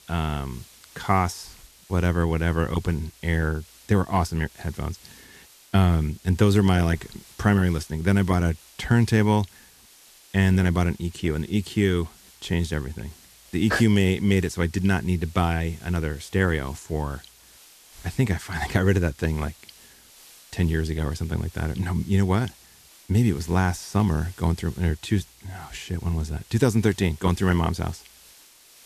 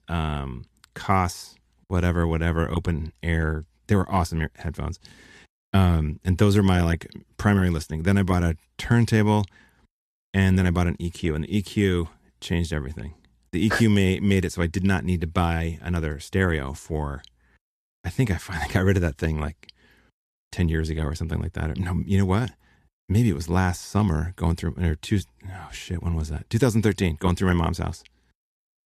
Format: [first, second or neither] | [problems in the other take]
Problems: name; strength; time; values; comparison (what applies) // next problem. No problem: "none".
second | hiss; faint; throughout; 25 dB below the speech